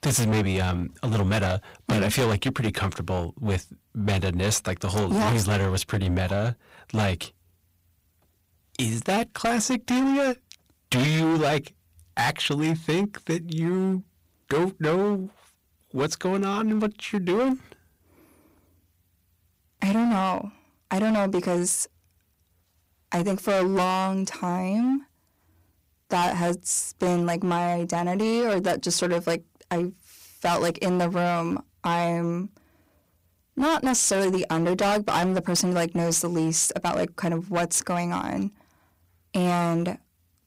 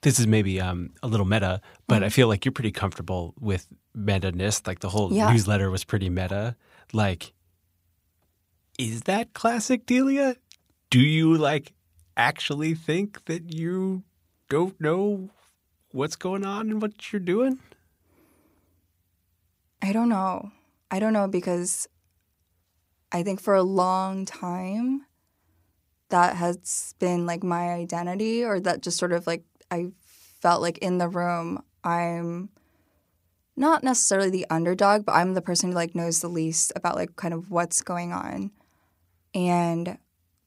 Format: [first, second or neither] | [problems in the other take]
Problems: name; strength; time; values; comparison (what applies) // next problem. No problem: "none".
second | distortion; heavy; 15% of the sound clipped